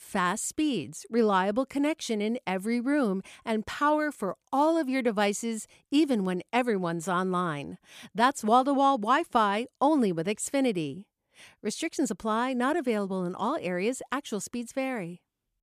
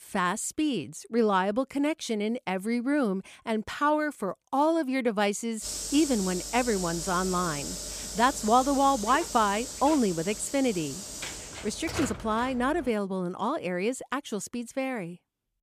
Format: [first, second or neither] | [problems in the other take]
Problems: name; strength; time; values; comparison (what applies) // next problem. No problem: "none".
first | hiss; loud; from 5.5 to 13 s; 7 dB below the speech